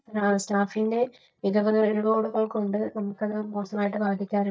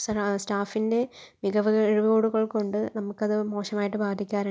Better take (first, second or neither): second